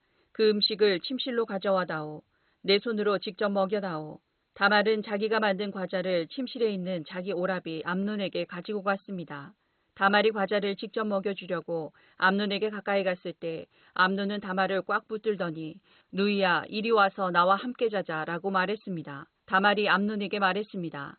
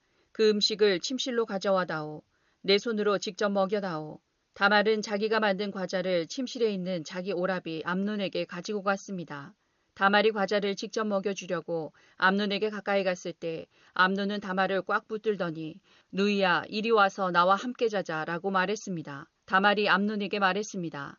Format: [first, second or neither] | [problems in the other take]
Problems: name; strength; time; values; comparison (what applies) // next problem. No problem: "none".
second | garbled, watery; badly; nothing above 4 kHz; slightly in the second